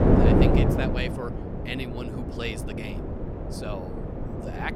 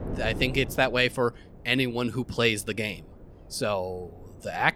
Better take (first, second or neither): second